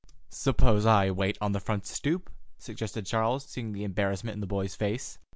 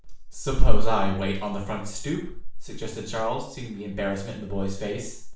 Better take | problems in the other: first | room echo; dies away in 0.5 s

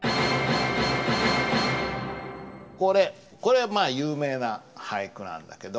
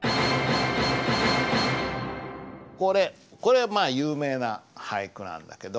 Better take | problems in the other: second | room echo; dies away in 1.9 s

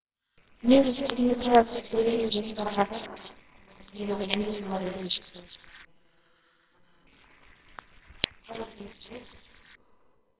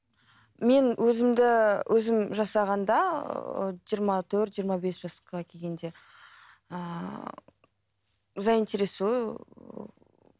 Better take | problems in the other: second | noise reduction (neural separator model SepFormer WHAMR!)

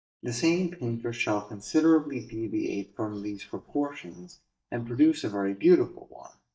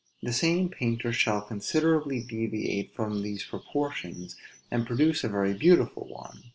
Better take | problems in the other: second | noise reduction (neural mask model DeepFilterNet 3)

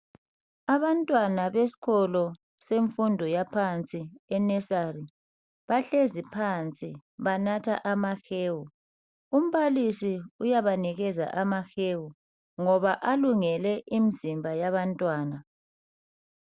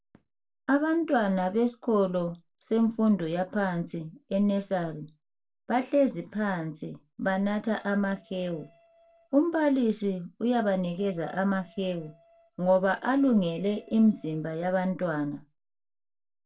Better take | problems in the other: first | noise reduction (neural separator model SepFormer DNS4)

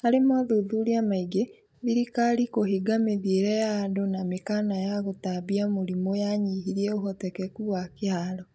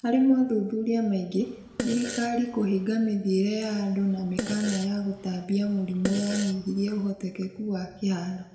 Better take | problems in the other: first | background sound (Fart); 11 dB below the speech // room echo; dies away in 0.9 s

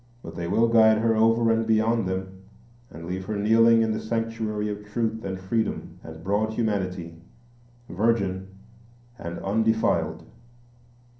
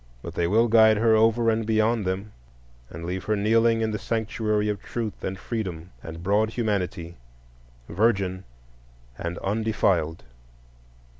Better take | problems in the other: second | room echo; dies away in 0.6 s

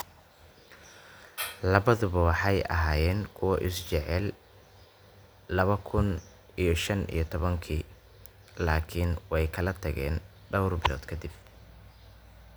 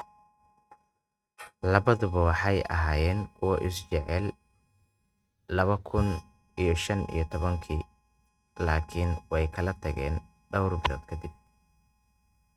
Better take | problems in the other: first | noise reduction (neural mask model RNNoise)

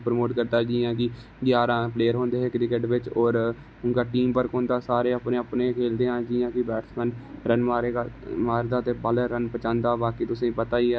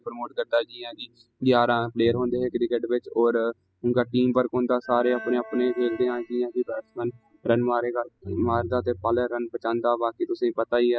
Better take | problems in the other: first | noise reduction (classical method spectral subtraction)

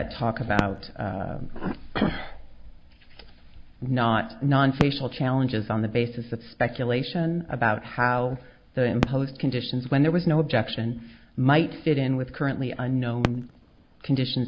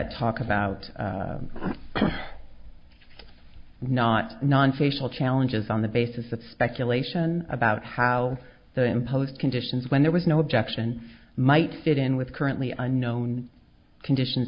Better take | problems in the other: second | background sound (Fireworks); 13 dB below the speech

